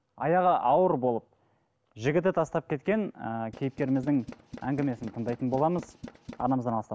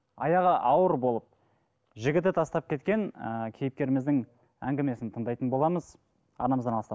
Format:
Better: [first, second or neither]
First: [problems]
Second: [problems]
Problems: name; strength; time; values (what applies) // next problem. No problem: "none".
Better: second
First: background sound (Tools); 17 dB below the speech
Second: none